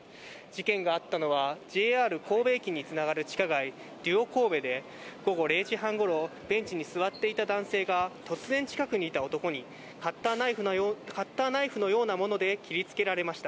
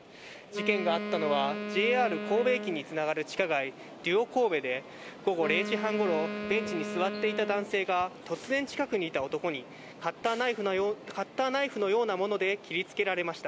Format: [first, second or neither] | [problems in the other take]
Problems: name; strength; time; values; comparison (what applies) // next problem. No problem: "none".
first | background sound (Wind instrument, woodwind instrument); 7 dB below the speech